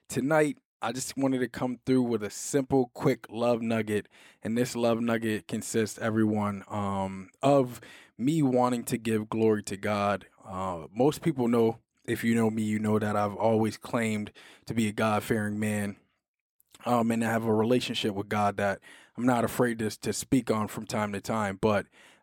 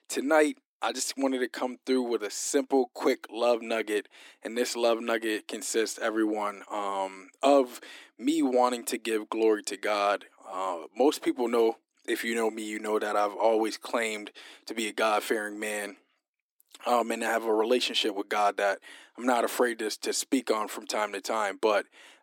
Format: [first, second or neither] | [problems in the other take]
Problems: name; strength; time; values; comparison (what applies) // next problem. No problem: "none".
first | thin; somewhat; fading below 300 Hz